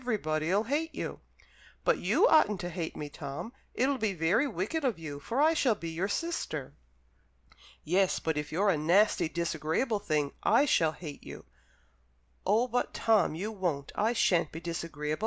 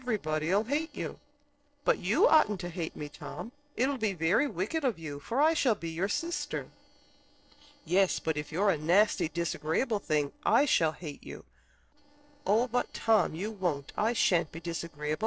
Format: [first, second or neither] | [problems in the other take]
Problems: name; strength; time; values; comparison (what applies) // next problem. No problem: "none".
first | noise reduction (neural separator model SepFormer DNS4)